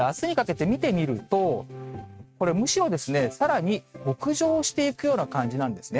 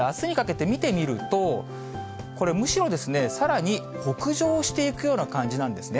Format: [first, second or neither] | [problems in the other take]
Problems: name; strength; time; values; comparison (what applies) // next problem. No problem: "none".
second | noise reduction (neural mask model RNNoise)